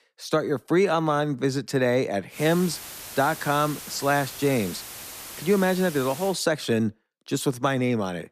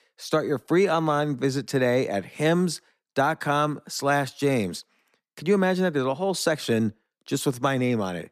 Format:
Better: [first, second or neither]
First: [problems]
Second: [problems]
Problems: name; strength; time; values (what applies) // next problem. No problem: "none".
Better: second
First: hiss; noticeable; from 2.5 to 6.5 s; 10 dB below the speech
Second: none